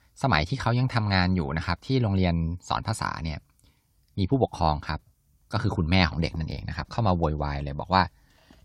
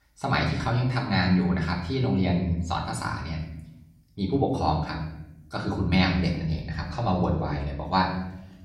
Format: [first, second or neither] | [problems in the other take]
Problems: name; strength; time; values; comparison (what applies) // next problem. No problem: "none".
first | room echo; slight; dies away in 0.8 s // off-mic speech; far